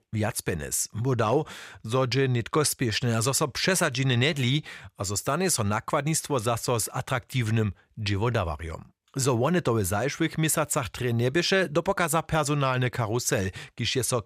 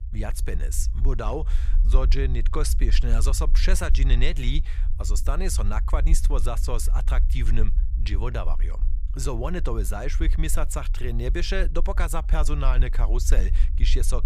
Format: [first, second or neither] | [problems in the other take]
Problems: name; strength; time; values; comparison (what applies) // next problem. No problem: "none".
first | low rumble; noticeable; throughout; 15 dB below the speech